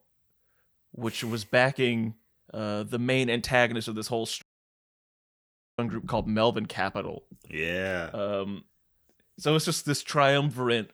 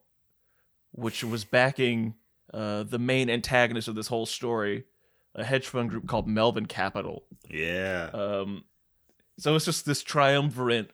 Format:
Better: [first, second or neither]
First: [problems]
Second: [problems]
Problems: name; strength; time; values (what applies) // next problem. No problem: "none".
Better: second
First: audio cutting out; at 4.5 s for 1.5 s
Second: none